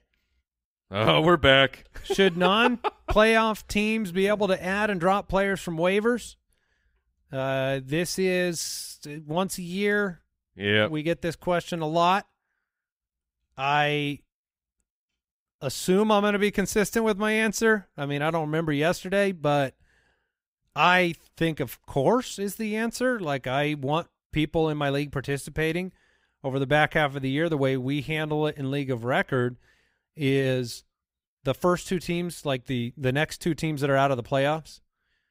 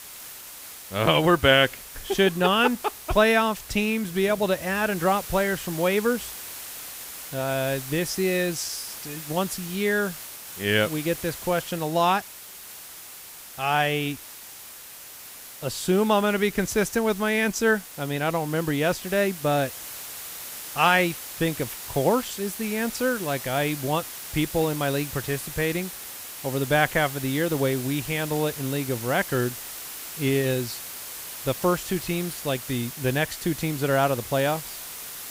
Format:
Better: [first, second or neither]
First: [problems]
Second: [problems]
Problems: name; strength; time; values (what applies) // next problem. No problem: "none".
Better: first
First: none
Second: hiss; noticeable; throughout; 10 dB below the speech